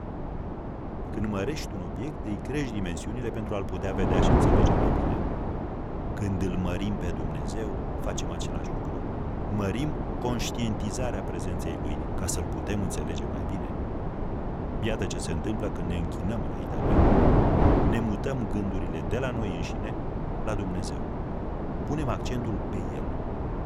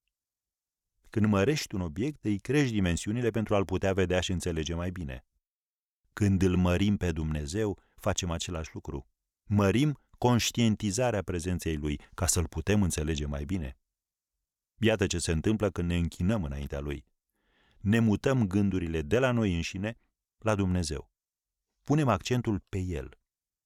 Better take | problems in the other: second | wind noise on the microphone; heavy; 3 dB above the speech

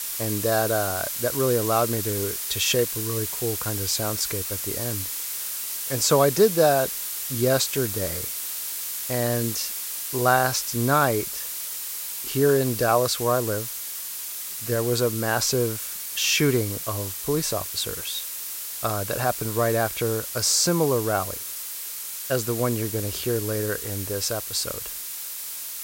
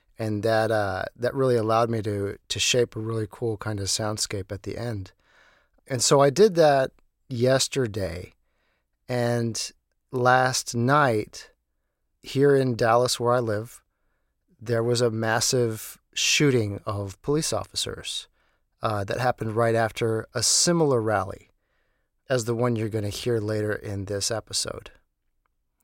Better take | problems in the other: second | hiss; loud; throughout; 4 dB below the speech

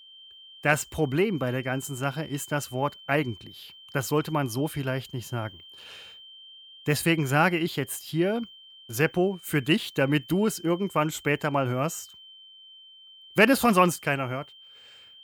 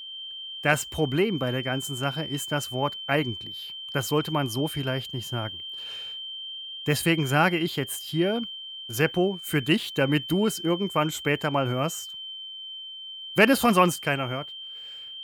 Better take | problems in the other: first | high-pitched whine; loud; throughout; 3 kHz, 10 dB below the speech; faint in the first

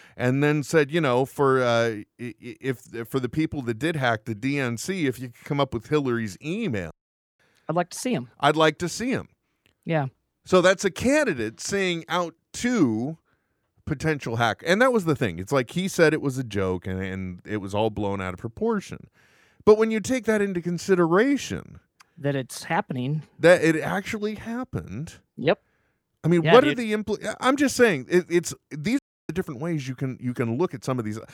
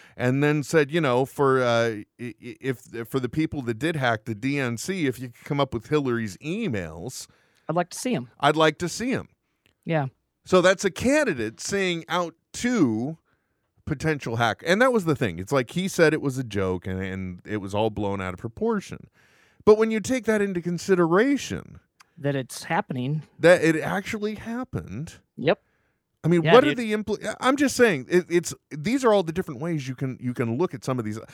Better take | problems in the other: second | audio cutting out; at 7 s and at 29 s

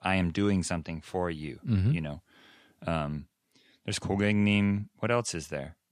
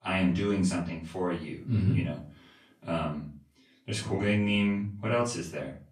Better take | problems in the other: first | room echo; slight; dies away in 0.3 s // off-mic speech; far

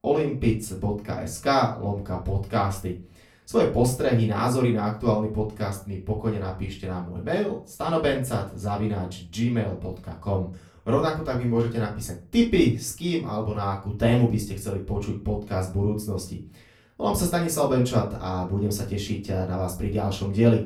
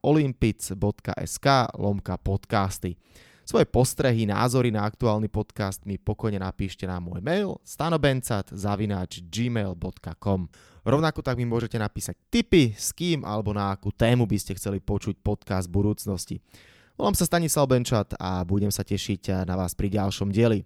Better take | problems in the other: second | room echo; slight; dies away in 0.3 s // off-mic speech; far

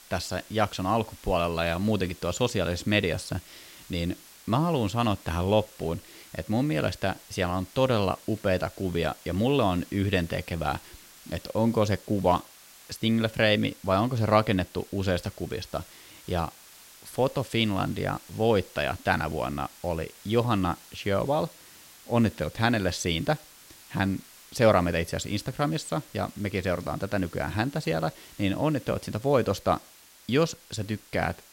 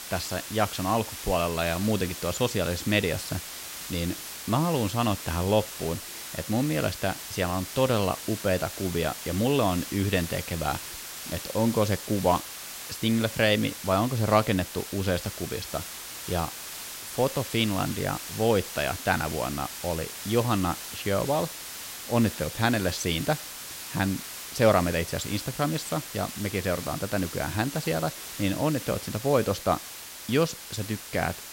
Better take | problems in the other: first | hiss; loud; throughout; 9 dB below the speech; faint in the first

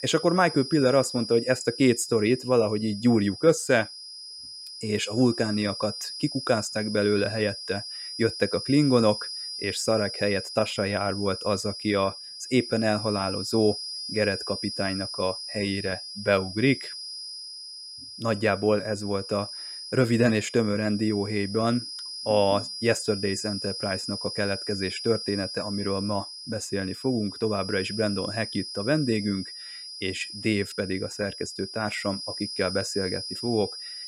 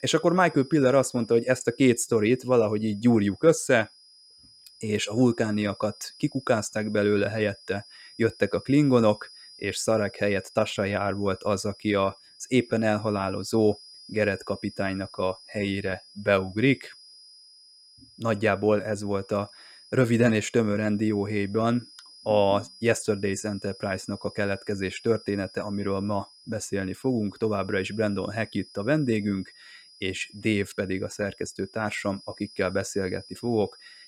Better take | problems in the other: second | high-pitched whine; loud; throughout; 5 kHz, 8 dB below the speech; faint in the second

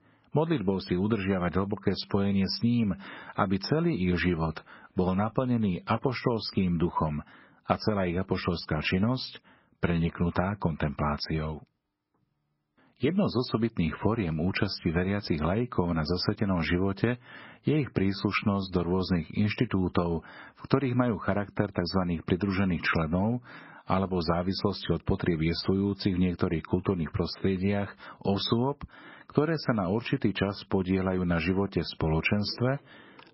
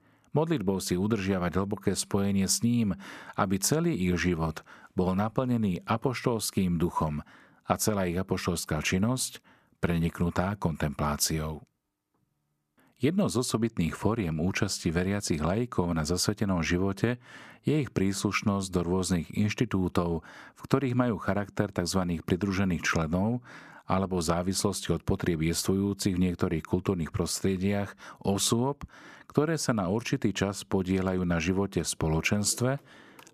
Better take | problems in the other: second | garbled, watery; badly; nothing above 5.5 kHz

